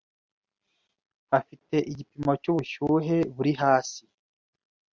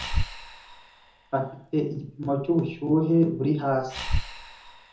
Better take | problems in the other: first | background sound (Breathing); 6 dB below the speech // room echo; dies away in 0.6 s

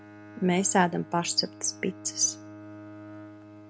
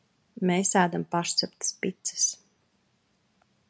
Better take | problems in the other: second | background sound (Bowed string instrument); 16 dB below the speech

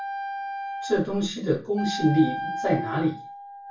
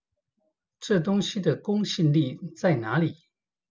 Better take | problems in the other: second | background sound (Wind instrument, woodwind instrument); 7 dB below the speech // room echo; dies away in 0.3 s

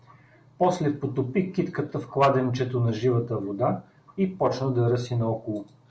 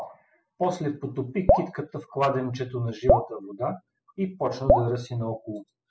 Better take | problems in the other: first | noise reduction (classical method spectral subtraction)

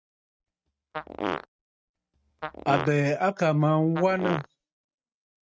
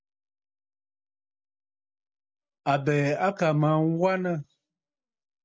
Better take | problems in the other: second | noise reduction (neural mask model RNNoise)

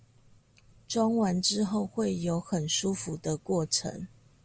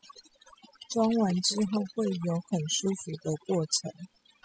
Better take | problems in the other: first | noise reduction (classical method spectral subtraction)

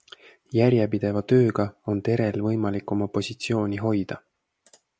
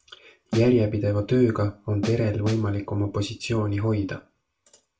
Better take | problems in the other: first | background sound (Snare drum); 10 dB below the speech // room echo; dies away in 0.2 s

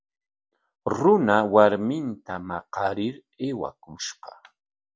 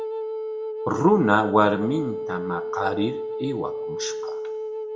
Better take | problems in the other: first | background sound (Wind instrument, woodwind instrument); 5 dB below the speech // room echo; dies away in 0.6 s

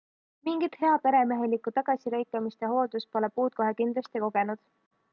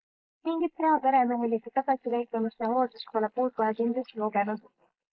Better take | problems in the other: first | noise reduction (neural mask model Resemble Enhance denoiser)

